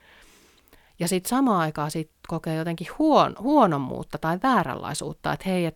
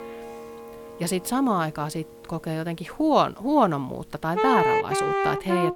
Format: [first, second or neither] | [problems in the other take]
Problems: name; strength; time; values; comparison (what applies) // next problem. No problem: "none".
first | background music; very loud; throughout; 1 dB above the speech